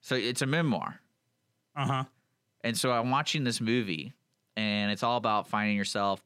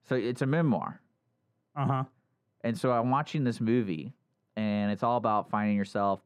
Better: first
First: none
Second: muffled; very; fading above 2 kHz

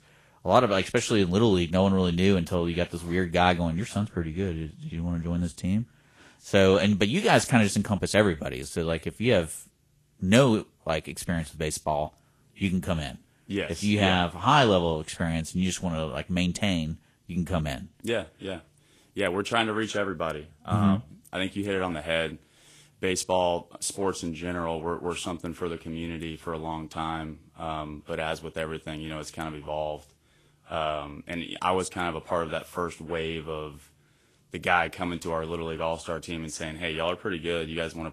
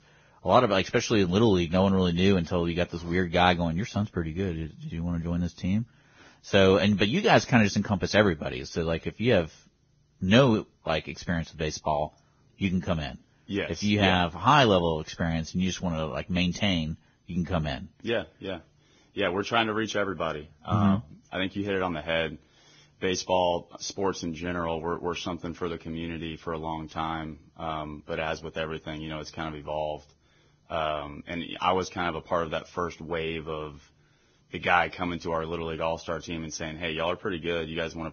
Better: first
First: garbled, watery; slightly; nothing above 12 kHz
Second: garbled, watery; badly; nothing above 6.5 kHz

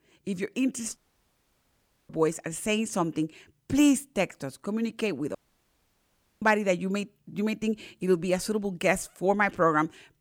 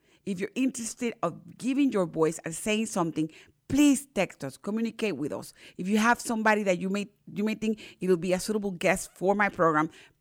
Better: second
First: audio cutting out; at 1 s for 1 s and at 5.5 s for 1 s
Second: none

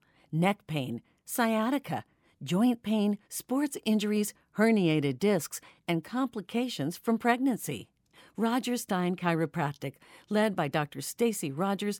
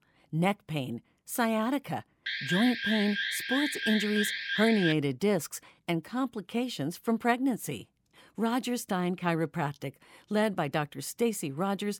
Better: first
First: none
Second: alarm; loud; from 2.5 to 5 s; peak level with the speech

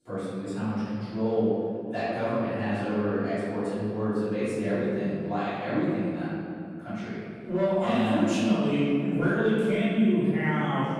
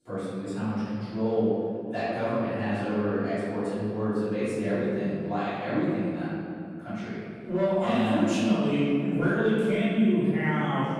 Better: neither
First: room echo; strong; dies away in 2.4 s // off-mic speech; far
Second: room echo; strong; dies away in 2.4 s // off-mic speech; far

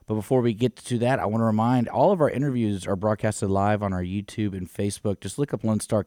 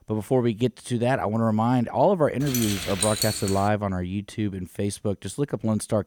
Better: first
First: none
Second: jangling keys; loud; from 2.5 to 3.5 s; peak level with the speech

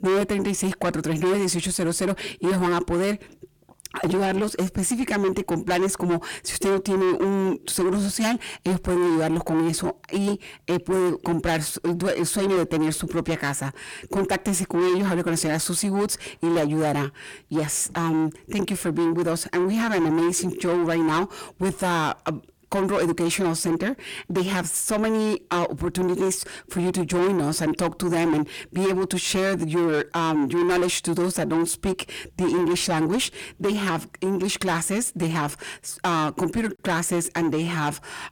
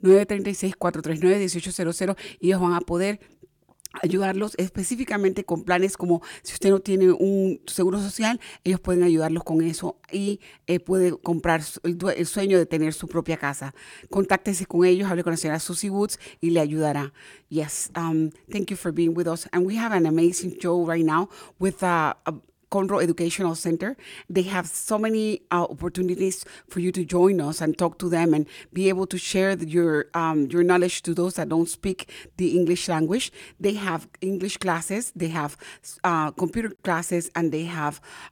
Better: second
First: distortion; heavy; 7 dB below the speech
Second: none

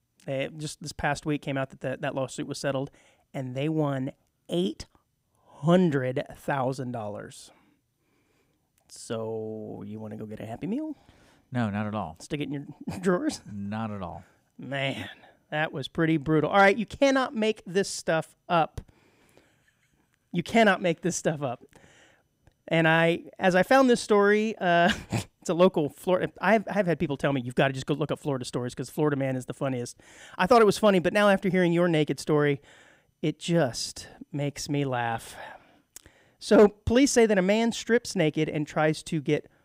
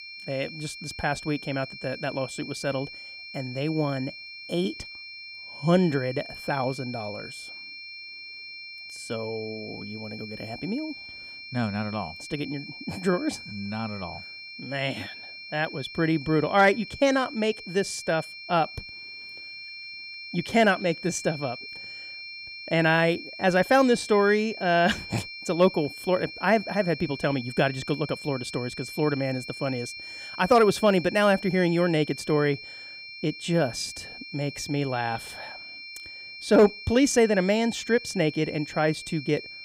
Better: first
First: none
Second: high-pitched whine; noticeable; throughout; 2.5 kHz, 10 dB below the speech

